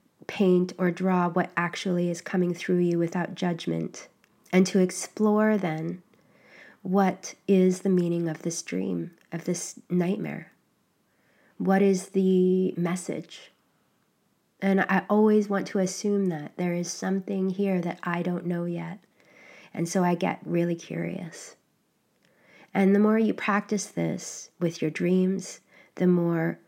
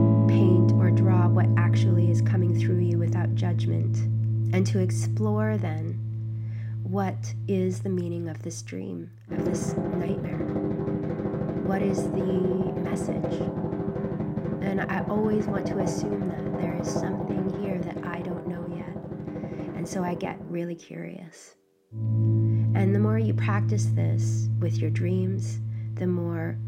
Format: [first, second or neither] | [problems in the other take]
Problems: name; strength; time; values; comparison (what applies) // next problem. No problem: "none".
first | background music; very loud; throughout; 5 dB above the speech